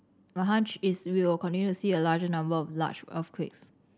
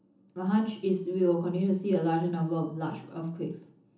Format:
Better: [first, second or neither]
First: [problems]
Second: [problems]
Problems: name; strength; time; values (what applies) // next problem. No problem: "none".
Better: first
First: none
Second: room echo; dies away in 0.7 s